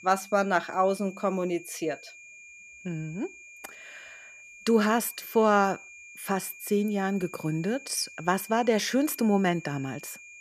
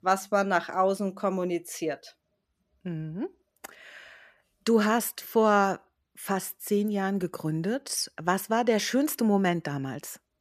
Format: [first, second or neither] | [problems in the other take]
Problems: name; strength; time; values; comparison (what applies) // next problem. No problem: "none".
second | high-pitched whine; noticeable; throughout; 2.5 kHz, 20 dB below the speech